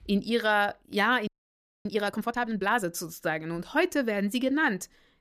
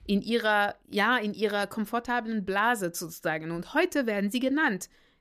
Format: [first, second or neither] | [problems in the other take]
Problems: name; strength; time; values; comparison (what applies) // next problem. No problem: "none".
second | audio freezing; at 1.5 s for 0.5 s